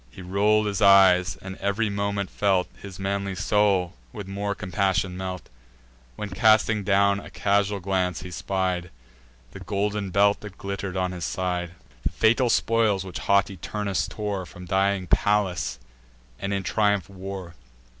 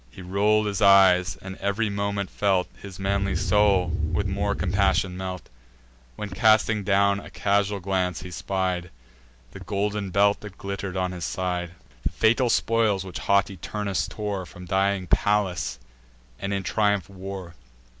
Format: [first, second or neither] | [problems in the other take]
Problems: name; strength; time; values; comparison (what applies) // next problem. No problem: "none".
first | background sound (Wind); as loud as the speech